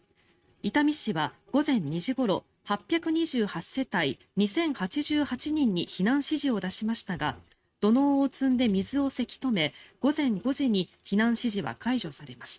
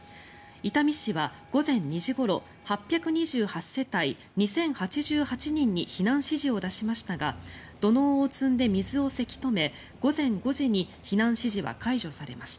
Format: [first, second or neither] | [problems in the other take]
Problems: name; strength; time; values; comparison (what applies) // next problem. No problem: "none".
second | noise reduction (neural mask model RNNoise)